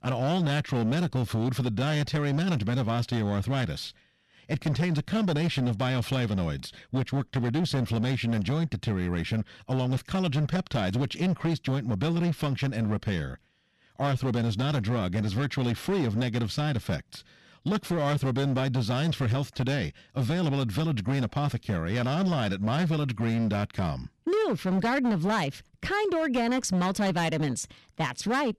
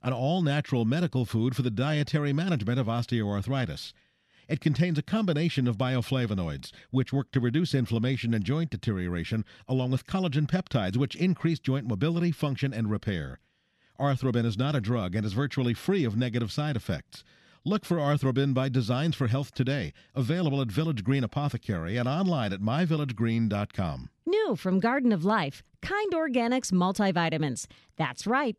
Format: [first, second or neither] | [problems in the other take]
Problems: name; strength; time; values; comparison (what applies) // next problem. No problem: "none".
second | distortion; slight; 17% of the sound clipped